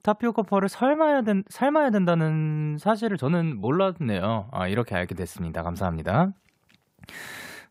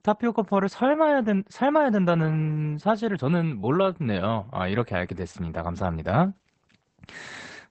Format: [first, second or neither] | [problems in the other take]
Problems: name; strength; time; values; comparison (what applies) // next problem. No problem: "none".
first | garbled, watery; badly; nothing above 8 kHz